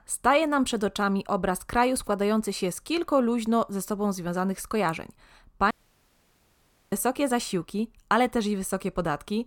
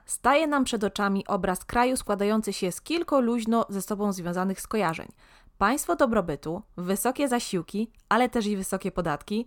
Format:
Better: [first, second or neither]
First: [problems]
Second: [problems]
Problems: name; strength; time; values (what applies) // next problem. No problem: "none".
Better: second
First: audio cutting out; at 5.5 s for 1 s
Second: none